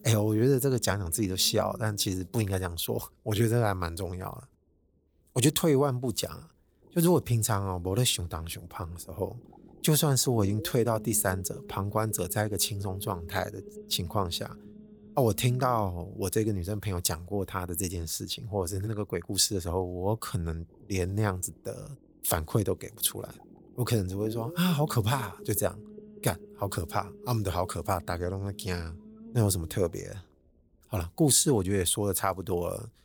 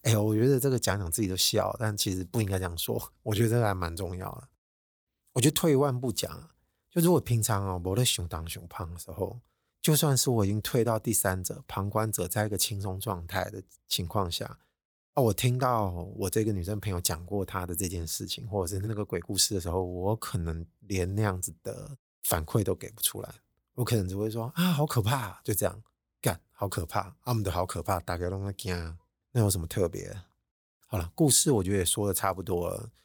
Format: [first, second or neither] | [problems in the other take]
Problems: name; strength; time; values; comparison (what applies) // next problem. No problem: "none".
second | low rumble; faint; throughout; 20 dB below the speech